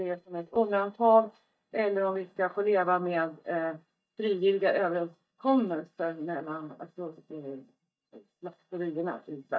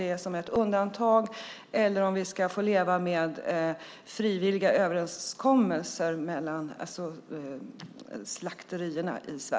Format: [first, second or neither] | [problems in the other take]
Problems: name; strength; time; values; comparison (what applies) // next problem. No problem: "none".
second | noise reduction (neural mask model DeepFilterNet 3)